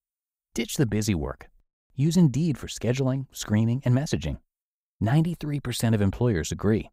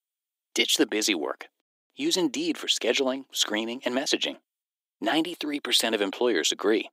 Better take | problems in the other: first | thin; very; fading below 300 Hz

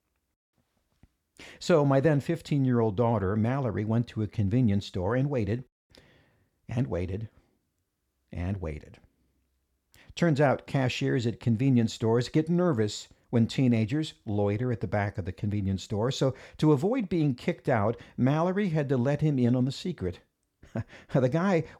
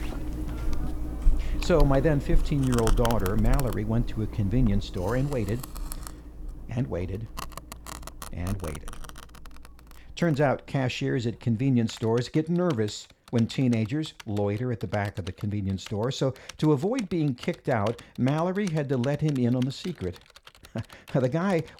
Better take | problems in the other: first | household noises; loud; throughout; 10 dB below the speech

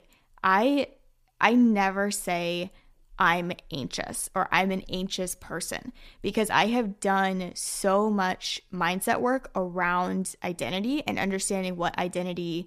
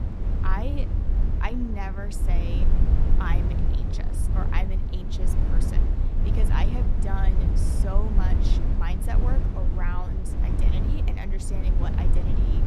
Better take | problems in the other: first | low rumble; loud; throughout; 2 dB below the speech

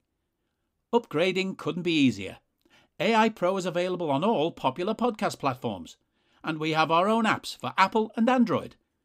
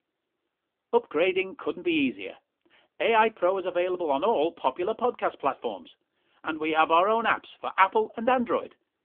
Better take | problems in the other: first | phone-call audio; nothing above 3.5 kHz

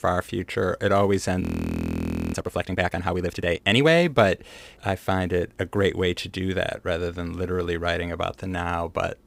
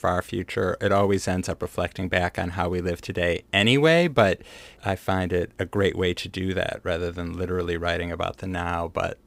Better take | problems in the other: second | audio freezing; at 1.5 s for 1 s

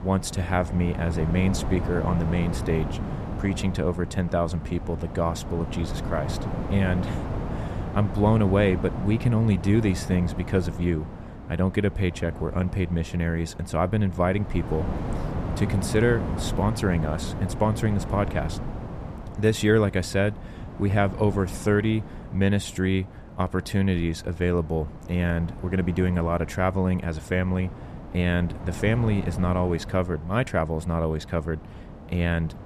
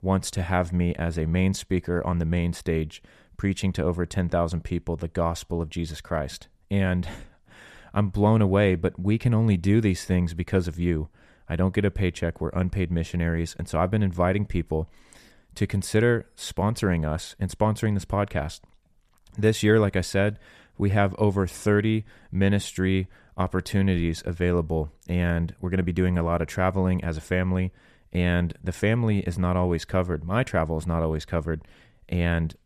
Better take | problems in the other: second | wind noise on the microphone; occasional gusts; 10 dB below the speech

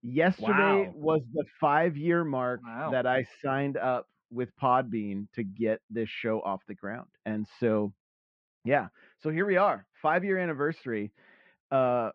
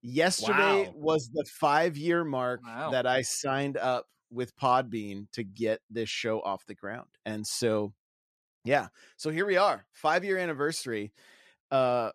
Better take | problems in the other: second | muffled; very; fading above 2.5 kHz

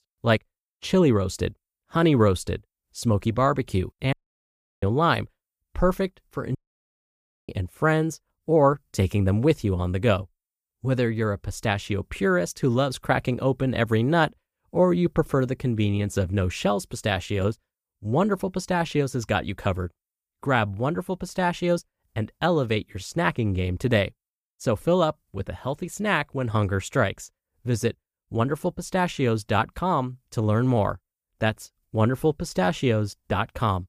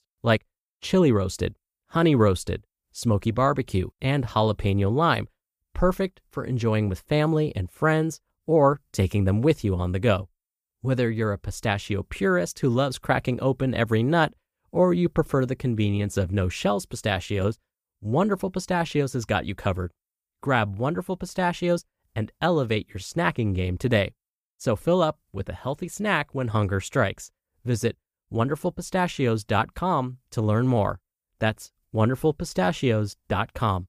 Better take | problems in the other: second | audio cutting out; at 4 s for 0.5 s and at 6.5 s for 1 s

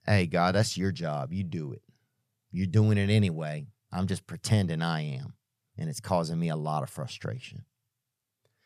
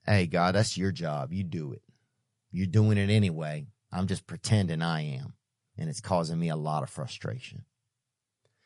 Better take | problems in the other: first | garbled, watery; slightly; nothing above 10 kHz

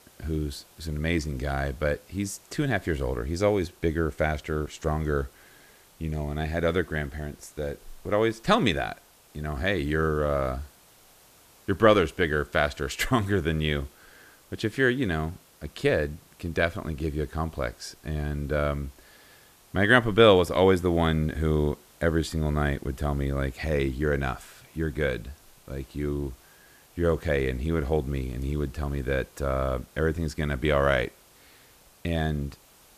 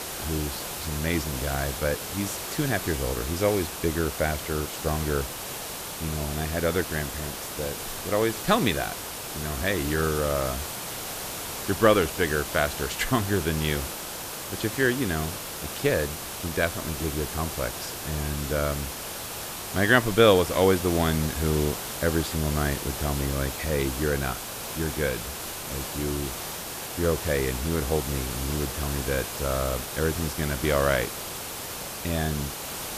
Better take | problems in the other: first | hiss; loud; throughout; 5 dB below the speech; faint in the first

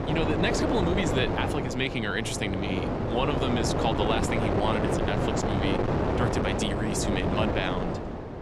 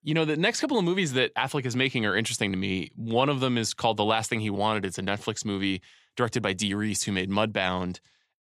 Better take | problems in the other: second | wind noise on the microphone; heavy; as loud as the speech

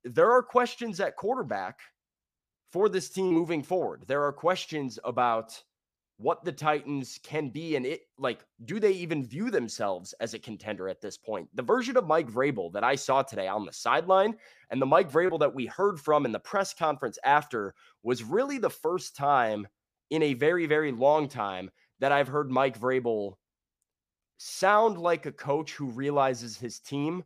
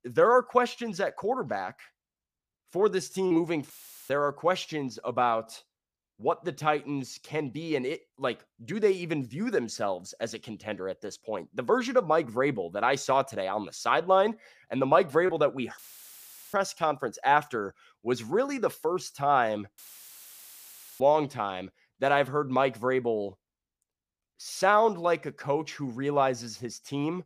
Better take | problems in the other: first | audio cutting out; filled with static; at 3.5 s, at 16 s for 1 s and at 20 s for 1 s

